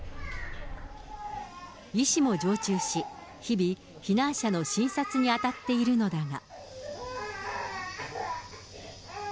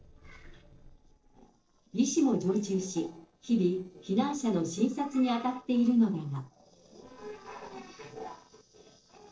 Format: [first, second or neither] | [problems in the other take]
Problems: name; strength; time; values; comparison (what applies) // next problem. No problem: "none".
first | noise reduction (neural separator model SepFormer DNS4)